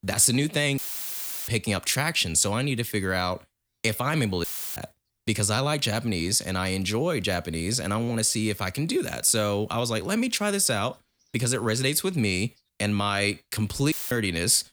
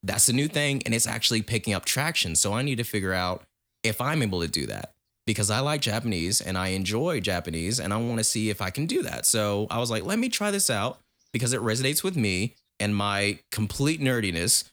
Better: second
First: audio cutting out; filled with static; at 1 s for 0.5 s, at 4.5 s and at 14 s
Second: none

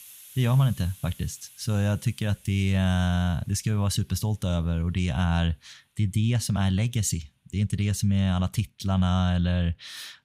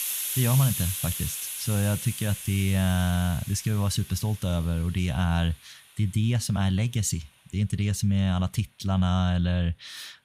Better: first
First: hiss; faint; throughout; 25 dB below the speech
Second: hiss; loud; throughout; 6 dB below the speech

